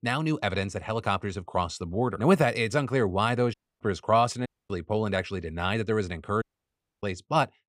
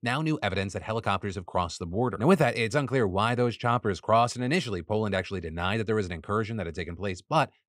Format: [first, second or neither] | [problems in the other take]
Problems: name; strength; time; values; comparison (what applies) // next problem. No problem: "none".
second | audio cutting out; at 3.5 s, at 4.5 s and at 6.5 s for 0.5 s